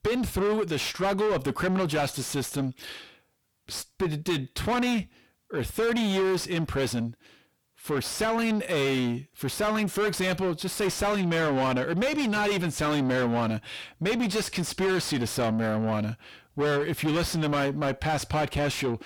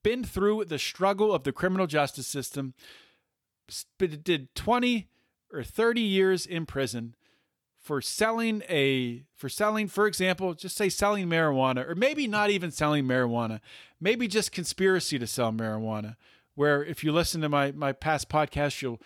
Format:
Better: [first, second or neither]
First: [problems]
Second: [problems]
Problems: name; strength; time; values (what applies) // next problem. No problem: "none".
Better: second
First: distortion; heavy; 6 dB below the speech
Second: none